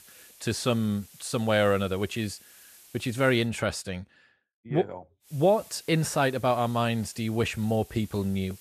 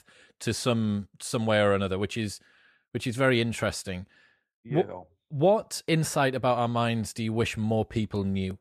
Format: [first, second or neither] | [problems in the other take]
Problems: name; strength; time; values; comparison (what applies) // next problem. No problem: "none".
second | hiss; faint; until 3.5 s and from 5.5 s on; 25 dB below the speech